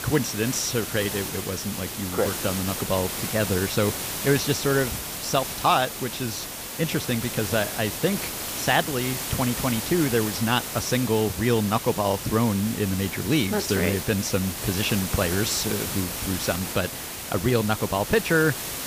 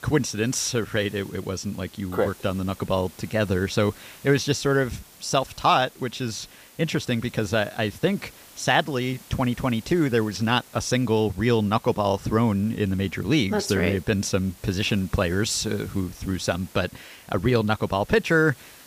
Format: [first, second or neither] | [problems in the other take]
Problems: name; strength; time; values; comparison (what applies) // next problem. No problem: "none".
second | hiss; loud; throughout; 5 dB below the speech; faint in the second